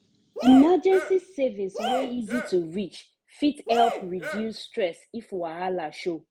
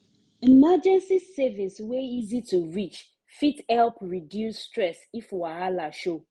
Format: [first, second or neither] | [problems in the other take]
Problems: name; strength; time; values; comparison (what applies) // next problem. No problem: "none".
second | background sound (Cheering); 7 dB below the speech